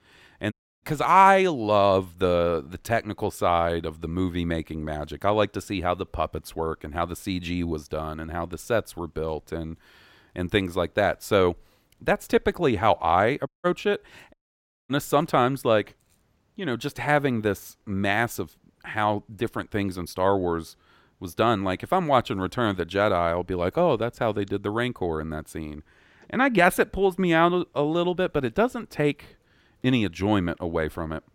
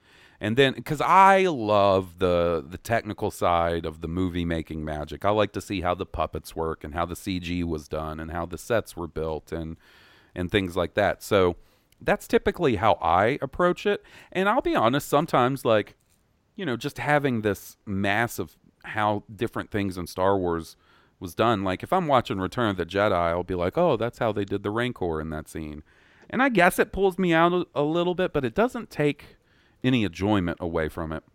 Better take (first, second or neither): second